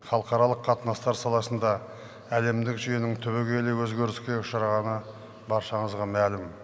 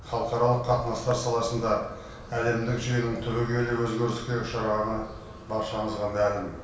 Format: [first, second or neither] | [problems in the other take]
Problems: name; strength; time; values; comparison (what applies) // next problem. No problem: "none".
first | background sound (Insect); 16 dB below the speech // room echo; dies away in 0.6 s